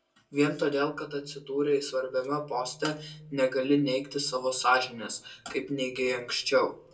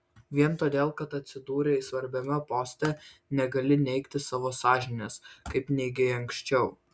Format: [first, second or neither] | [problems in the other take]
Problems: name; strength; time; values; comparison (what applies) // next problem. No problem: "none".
second | room echo; dies away in 0.2 s